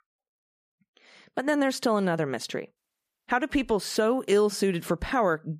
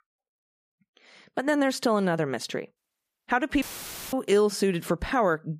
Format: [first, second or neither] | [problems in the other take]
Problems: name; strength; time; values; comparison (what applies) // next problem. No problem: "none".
first | audio cutting out; filled with static; at 3.5 s for 0.5 s